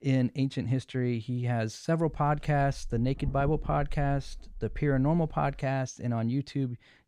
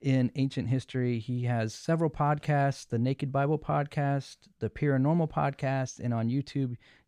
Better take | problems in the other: second | low rumble; faint; from 2 to 5.5 s; 25 dB below the speech

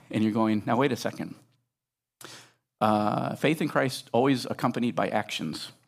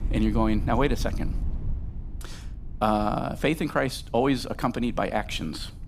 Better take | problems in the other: first | low rumble; faint; throughout; 25 dB below the speech

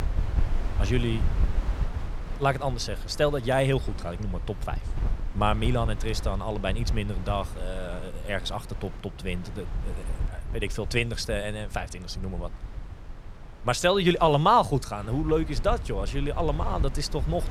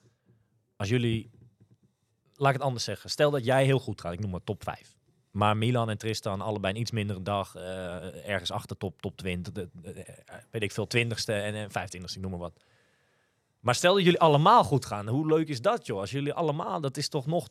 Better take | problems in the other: second | wind noise on the microphone; occasional gusts; 20 dB below the speech

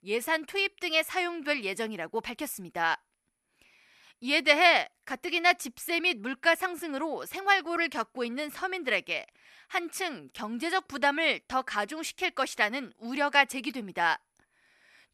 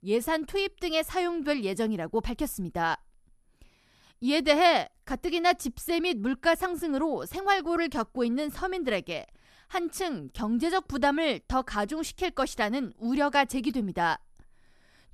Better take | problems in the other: second | thin; very slightly; fading below 550 Hz

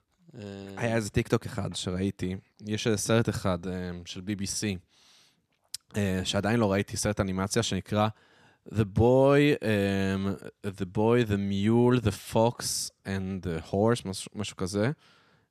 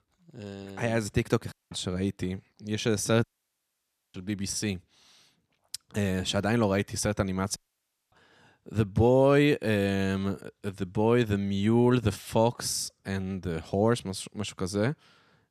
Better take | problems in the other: first | audio cutting out; at 1.5 s, at 3 s for 1 s and at 7.5 s for 0.5 s

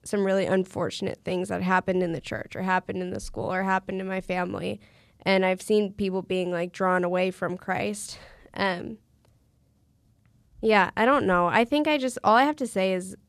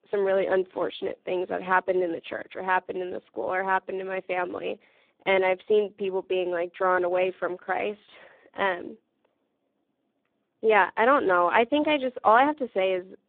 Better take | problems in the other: first | phone-call audio; poor line

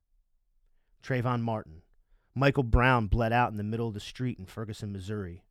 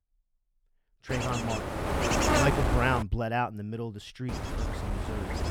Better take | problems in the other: first | wind noise on the microphone; heavy; from 1 to 3 s and from 4.5 s on; 1 dB above the speech

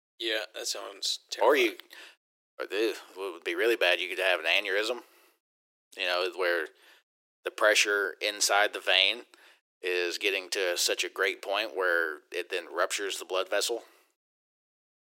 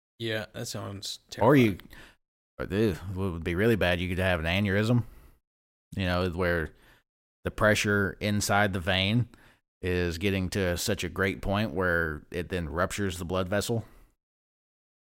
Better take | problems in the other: second | thin; very; fading below 350 Hz

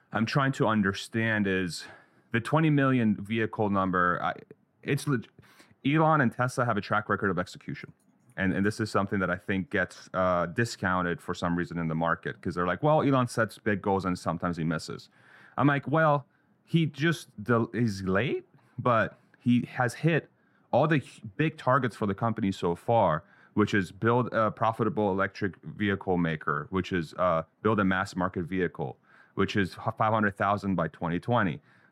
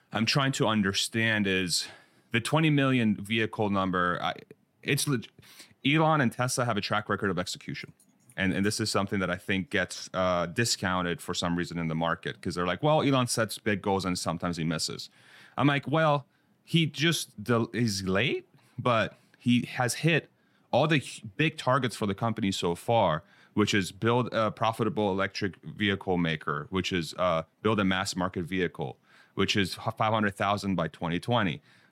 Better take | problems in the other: second | muffled; slightly; fading above 2 kHz

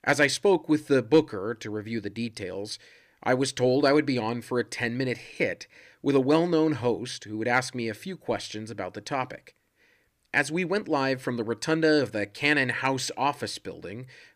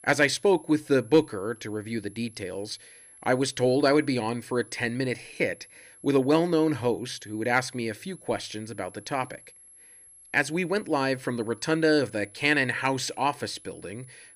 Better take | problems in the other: first | high-pitched whine; faint; throughout; 11 kHz, 25 dB below the speech

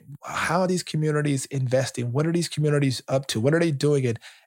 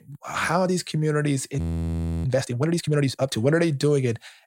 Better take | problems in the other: first | audio freezing; at 1.5 s for 0.5 s

